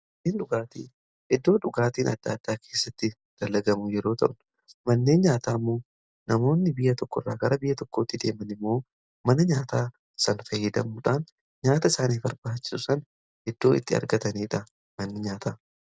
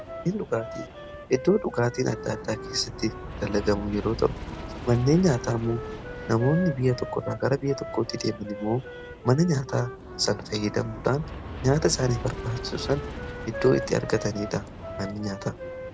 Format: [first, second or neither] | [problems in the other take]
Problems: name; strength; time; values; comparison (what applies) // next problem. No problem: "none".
first | background sound (Wind instrument, woodwind instrument + Aircraft); 10 dB below the speech